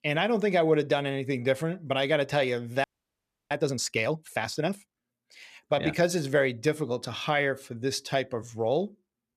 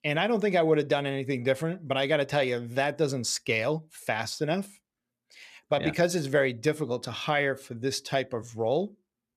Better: second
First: audio freezing; at 3 s for 0.5 s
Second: none

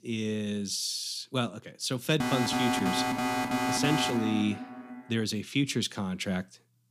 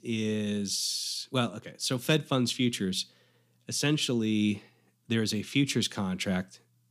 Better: second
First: alarm; loud; from 2 to 5 s; peak 2 dB above the speech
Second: none

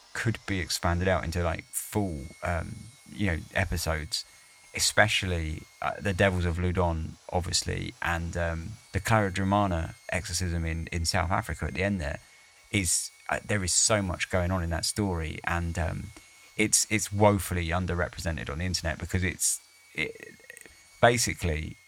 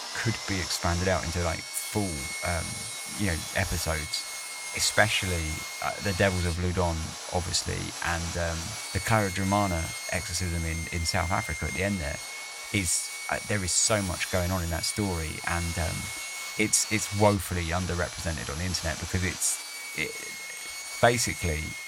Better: first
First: machinery noise; faint; throughout; 25 dB below the speech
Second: machinery noise; loud; throughout; 6 dB below the speech

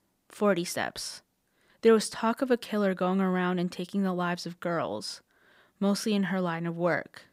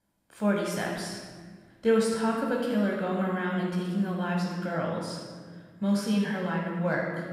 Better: first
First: none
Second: off-mic speech; far // room echo; noticeable; dies away in 1.7 s

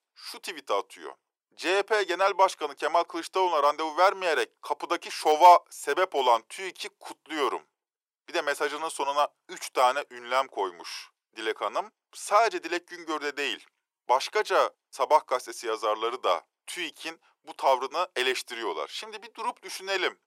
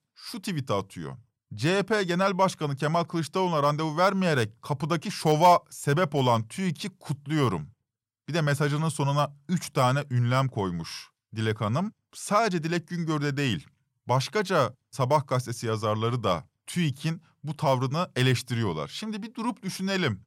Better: second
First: thin; very; fading below 350 Hz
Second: none

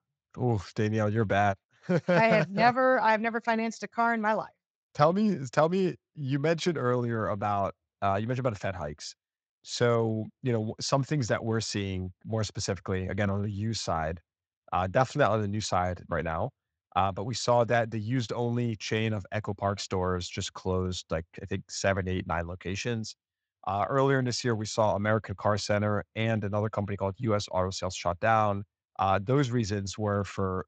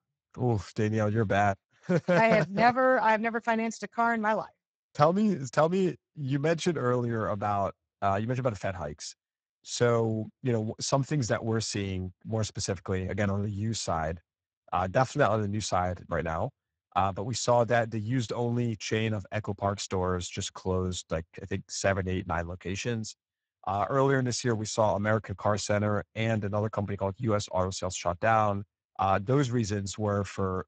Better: first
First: garbled, watery; slightly; nothing above 7.5 kHz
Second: garbled, watery; badly; nothing above 8 kHz

